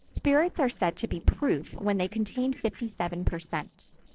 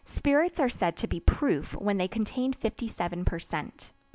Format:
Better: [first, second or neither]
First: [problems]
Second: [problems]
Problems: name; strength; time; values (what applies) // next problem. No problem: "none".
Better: second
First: noise reduction (neural separator model SepFormer DNS4)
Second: none